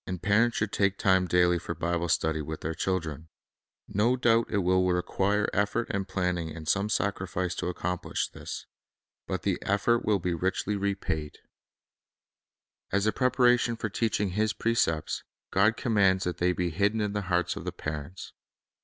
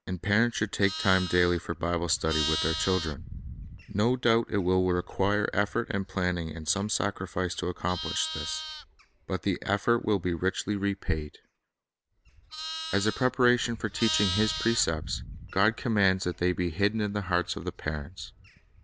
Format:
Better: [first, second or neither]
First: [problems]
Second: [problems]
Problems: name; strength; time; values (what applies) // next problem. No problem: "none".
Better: first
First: none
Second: background sound (Livestock, farm animals, working animals); 11 dB below the speech